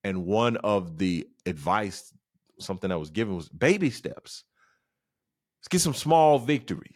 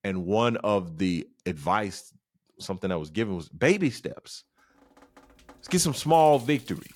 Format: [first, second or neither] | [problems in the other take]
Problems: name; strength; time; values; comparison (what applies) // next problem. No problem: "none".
first | rain or running water; faint; from 5 s on; 25 dB below the speech